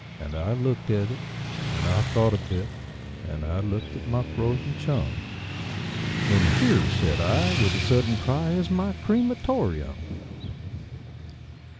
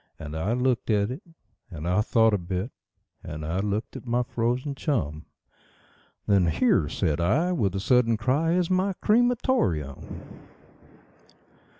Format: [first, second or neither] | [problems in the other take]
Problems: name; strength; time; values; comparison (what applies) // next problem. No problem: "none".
second | background sound (Motorcycle / Traffic noise, roadway noise); 4 dB below the speech